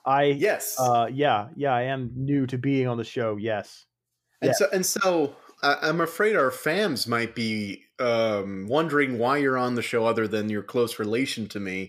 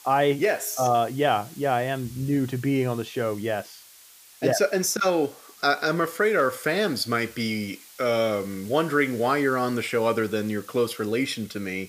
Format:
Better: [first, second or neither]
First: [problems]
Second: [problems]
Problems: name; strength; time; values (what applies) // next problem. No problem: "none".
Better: first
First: none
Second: hiss; faint; throughout; 20 dB below the speech